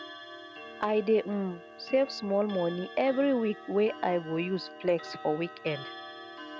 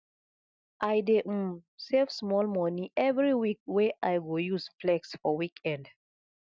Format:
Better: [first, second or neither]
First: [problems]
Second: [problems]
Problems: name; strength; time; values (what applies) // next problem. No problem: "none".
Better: second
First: background sound (Clock); 15 dB below the speech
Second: none